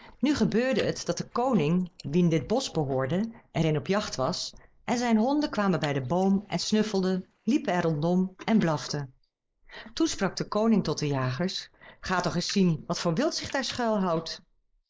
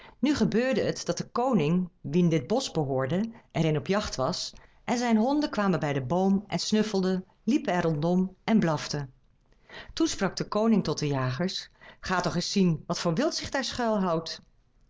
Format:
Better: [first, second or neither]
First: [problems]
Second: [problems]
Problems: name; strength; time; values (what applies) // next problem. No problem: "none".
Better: second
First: noise reduction (neural mask model Resemble Enhance denoiser)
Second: none